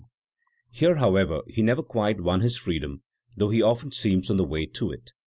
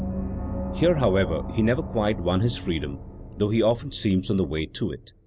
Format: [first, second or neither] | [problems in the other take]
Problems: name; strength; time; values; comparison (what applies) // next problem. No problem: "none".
first | background sound (Gong); 8 dB below the speech